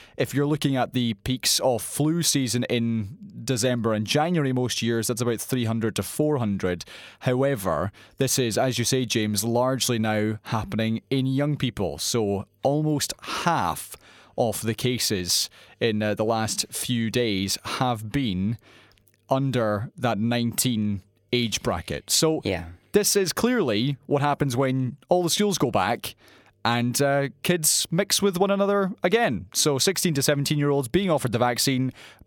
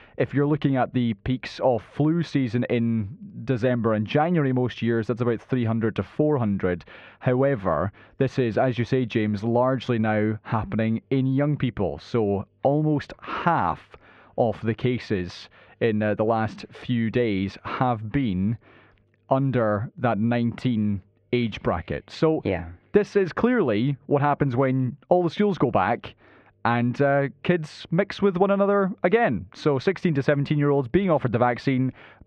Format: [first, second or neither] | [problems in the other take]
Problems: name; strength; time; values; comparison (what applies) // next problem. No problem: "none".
first | muffled; very; fading above 2 kHz